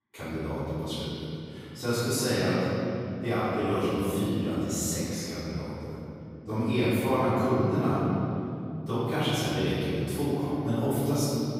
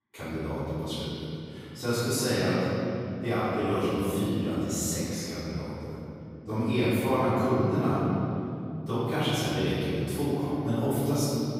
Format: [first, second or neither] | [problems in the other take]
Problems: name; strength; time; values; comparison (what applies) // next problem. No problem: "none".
neither | room echo; strong; dies away in 3 s; the same in both // off-mic speech; far; the same in both